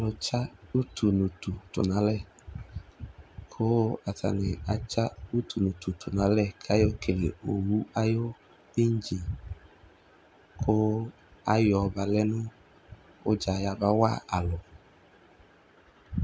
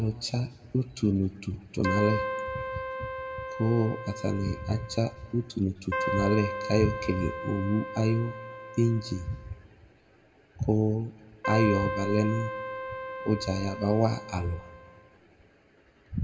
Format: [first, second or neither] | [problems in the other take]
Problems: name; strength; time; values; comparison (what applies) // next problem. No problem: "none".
first | background sound (Keyboard (musical)); 6 dB below the speech // room echo; dies away in 1 s